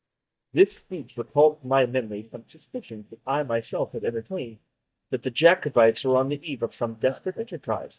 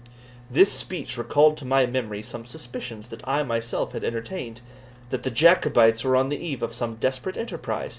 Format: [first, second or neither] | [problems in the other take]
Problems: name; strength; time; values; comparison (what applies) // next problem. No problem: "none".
second | noise reduction (neural mask model DeepFilterNet 3)